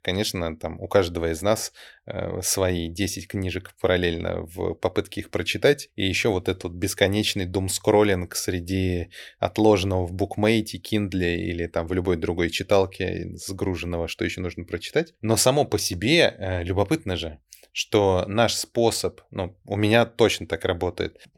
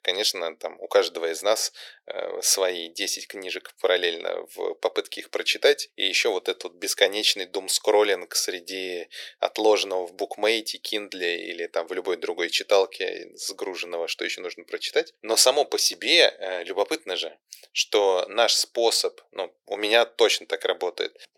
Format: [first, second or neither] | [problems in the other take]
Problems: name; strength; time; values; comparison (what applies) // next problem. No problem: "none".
first | thin; very; fading below 450 Hz